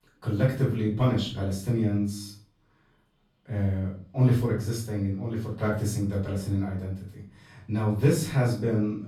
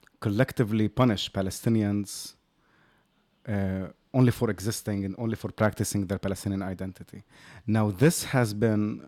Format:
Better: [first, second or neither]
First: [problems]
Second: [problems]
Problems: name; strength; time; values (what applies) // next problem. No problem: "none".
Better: second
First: room echo; noticeable; dies away in 0.5 s // off-mic speech; far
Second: none